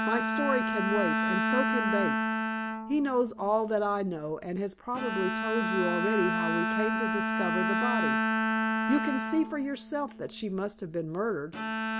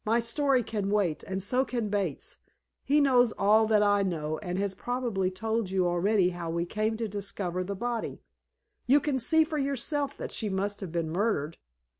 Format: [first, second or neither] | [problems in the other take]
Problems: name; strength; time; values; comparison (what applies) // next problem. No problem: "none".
second | background sound (Bowed string instrument); 1 dB above the speech